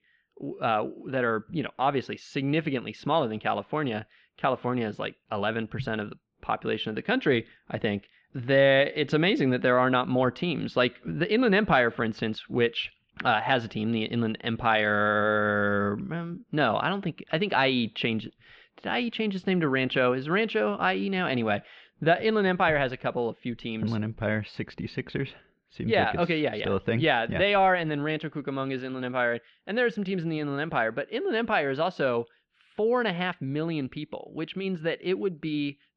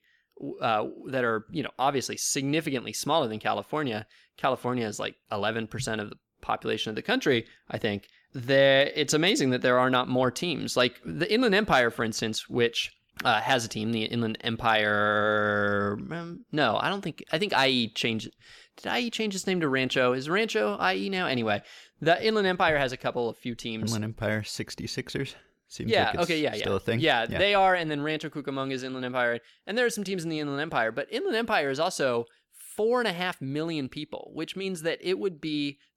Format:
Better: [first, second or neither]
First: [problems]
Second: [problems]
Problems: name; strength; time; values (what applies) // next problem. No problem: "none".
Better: second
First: muffled; slightly; fading above 3.5 kHz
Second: none